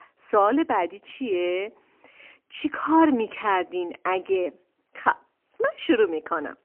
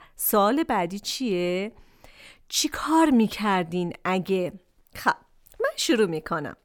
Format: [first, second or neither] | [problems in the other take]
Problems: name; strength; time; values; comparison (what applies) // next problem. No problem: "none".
second | phone-call audio; poor line; nothing above 3 kHz